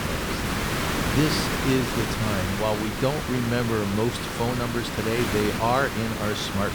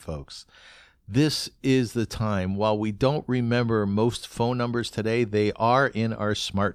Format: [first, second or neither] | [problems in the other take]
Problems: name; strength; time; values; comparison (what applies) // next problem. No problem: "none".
second | hiss; loud; throughout; 1 dB below the speech